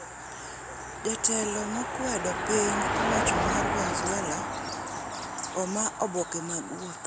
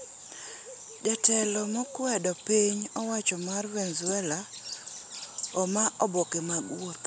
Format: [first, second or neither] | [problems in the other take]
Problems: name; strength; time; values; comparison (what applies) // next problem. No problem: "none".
second | background sound (Car passing by); as loud as the speech